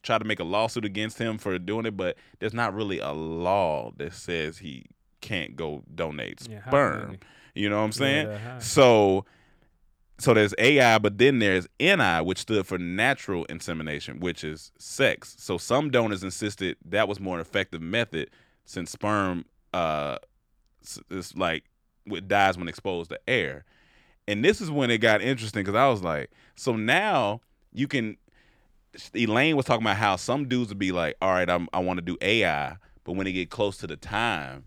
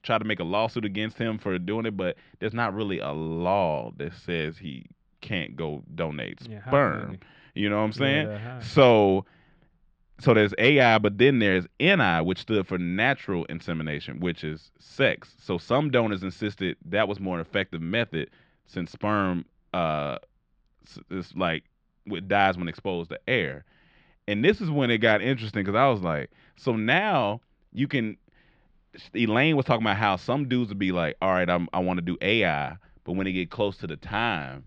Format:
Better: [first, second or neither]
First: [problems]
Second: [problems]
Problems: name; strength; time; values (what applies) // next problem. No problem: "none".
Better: first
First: none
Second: muffled; slightly; fading above 4 kHz